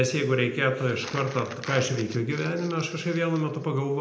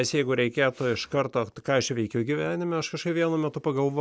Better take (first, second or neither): second